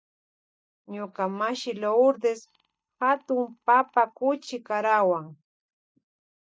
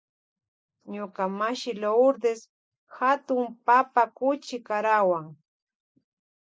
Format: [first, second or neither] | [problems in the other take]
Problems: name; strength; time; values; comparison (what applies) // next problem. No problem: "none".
second | noise reduction (neural mask model DeepFilterNet 3)